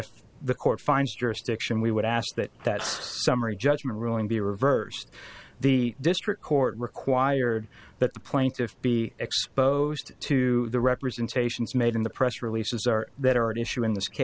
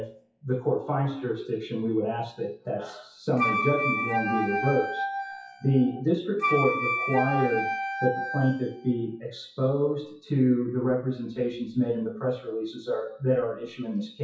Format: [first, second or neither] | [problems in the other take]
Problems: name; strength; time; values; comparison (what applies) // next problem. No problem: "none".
first | noise reduction (classical method WPE with log-MMSE)